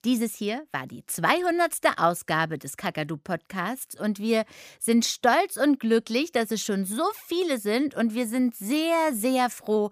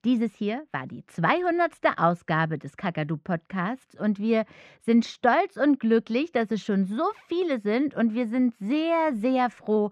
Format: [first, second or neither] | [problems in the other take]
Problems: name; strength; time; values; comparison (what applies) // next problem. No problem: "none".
first | muffled; slightly; fading above 2.5 kHz